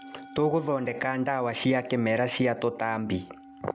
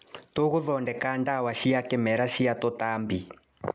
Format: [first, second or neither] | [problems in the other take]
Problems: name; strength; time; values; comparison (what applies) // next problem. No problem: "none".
second | background sound (Musical instrument); 19 dB below the speech